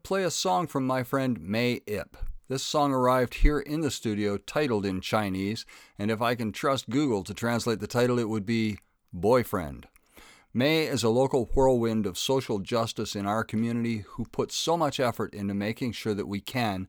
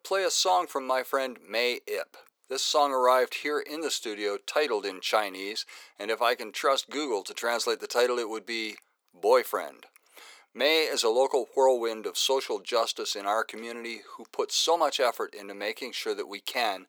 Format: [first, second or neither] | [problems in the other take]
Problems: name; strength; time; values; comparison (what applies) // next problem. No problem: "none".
first | thin; very; fading below 400 Hz